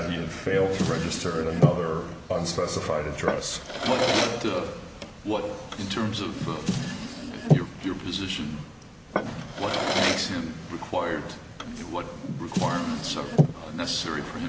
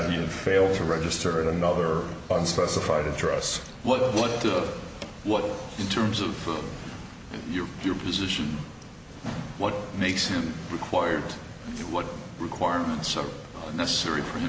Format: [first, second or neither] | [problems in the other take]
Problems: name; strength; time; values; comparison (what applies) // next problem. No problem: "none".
second | background sound (Drawer open or close); as loud as the speech